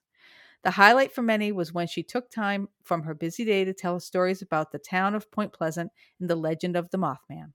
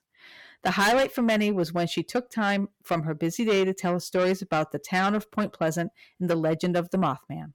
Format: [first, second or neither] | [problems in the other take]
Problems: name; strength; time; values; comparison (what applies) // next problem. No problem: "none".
first | distortion; heavy; 6 dB below the speech